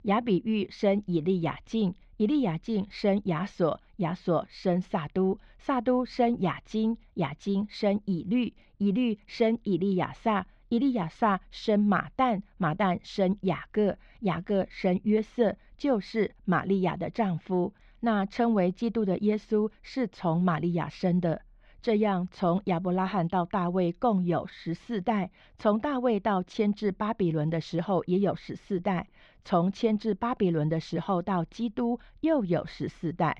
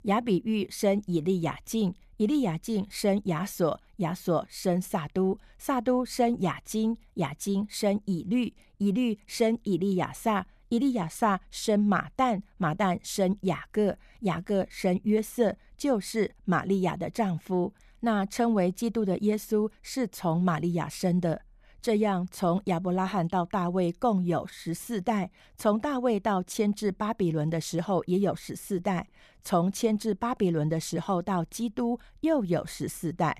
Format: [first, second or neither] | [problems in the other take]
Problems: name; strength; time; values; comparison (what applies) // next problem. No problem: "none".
second | muffled; very slightly; fading above 4 kHz